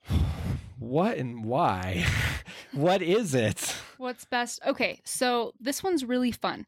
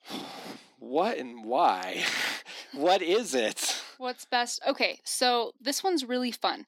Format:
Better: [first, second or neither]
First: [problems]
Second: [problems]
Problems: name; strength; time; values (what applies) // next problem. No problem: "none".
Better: first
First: none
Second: thin; somewhat; fading below 250 Hz